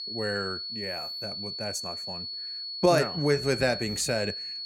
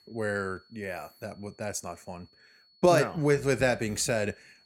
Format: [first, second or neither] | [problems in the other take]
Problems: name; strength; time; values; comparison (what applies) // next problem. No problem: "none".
second | high-pitched whine; loud; throughout; 4.5 kHz, 5 dB below the speech; faint in the second